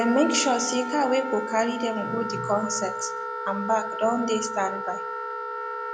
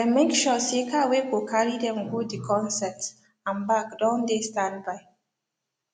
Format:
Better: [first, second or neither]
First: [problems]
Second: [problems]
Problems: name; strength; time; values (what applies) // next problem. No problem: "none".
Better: second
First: background sound (Wind instrument, woodwind instrument); 5 dB below the speech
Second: none